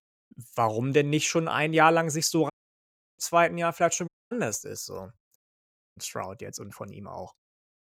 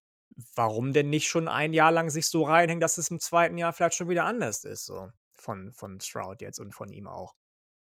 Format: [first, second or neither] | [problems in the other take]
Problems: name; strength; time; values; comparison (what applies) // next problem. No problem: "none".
second | audio cutting out; at 2.5 s for 0.5 s, at 4 s and at 5.5 s for 0.5 s